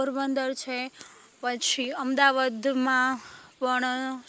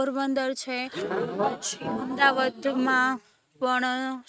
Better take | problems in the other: first | noise reduction (neural mask model RNNoise)

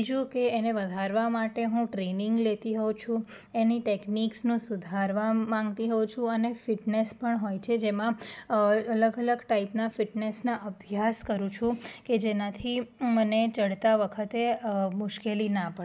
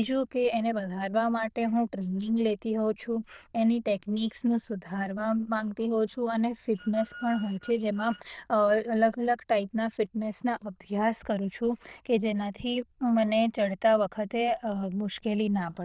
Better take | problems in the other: first | noise reduction (neural diffusion model UNIVERSE++)

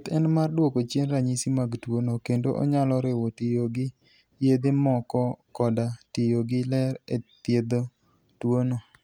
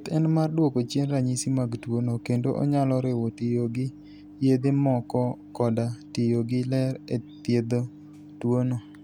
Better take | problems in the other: first | background sound (Microwave oven); 19 dB below the speech

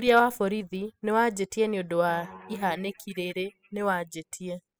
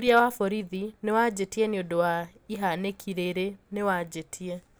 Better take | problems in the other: second | noise reduction (classical method spectral subtraction)

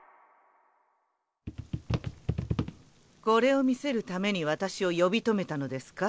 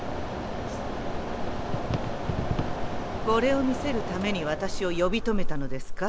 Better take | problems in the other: first | background sound (Mechanisms); 2 dB above the speech

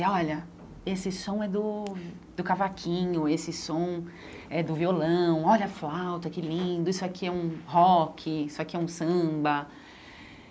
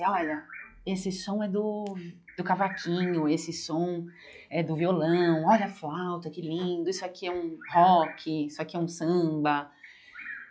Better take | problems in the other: first | noise reduction (classical method log-MMSE)

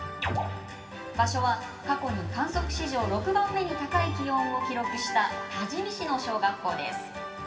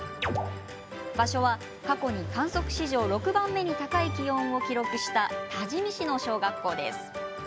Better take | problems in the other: second | room echo; dies away in 2.5 s

